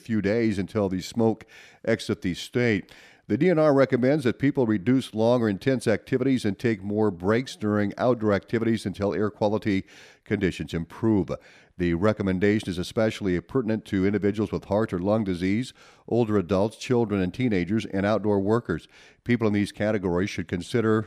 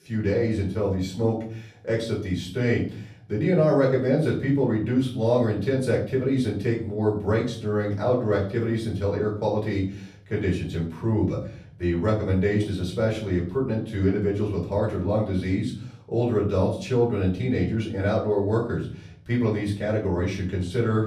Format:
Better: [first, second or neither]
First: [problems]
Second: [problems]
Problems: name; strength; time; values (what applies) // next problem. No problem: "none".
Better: first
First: none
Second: off-mic speech; far // room echo; slight; dies away in 0.6 s